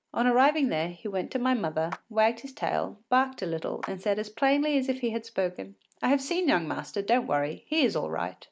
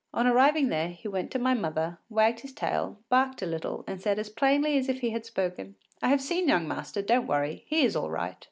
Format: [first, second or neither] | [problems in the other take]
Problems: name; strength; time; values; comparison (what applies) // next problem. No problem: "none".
second | background sound (Clapping); 19 dB below the speech